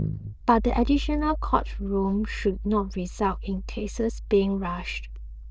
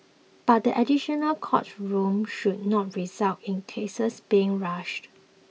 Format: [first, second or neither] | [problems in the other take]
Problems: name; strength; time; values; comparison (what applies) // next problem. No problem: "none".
second | noise reduction (neural diffusion model UNIVERSE++)